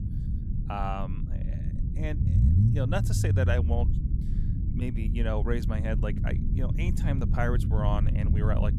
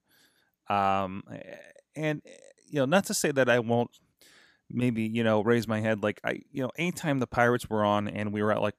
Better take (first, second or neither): second